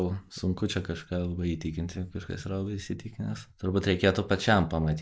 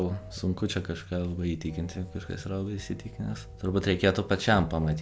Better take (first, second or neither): second